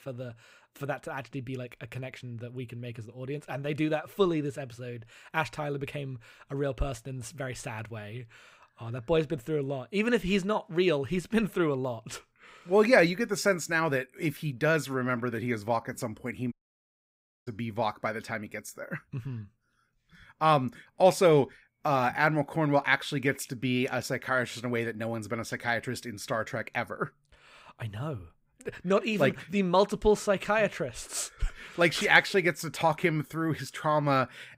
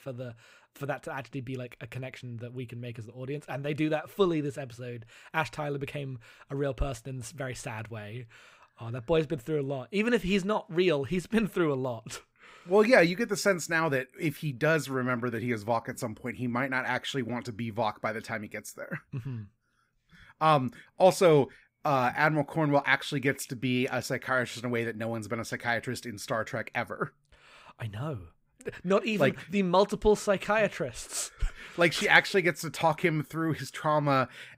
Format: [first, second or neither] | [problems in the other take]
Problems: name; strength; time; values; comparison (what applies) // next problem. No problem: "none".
second | audio cutting out; at 17 s for 1 s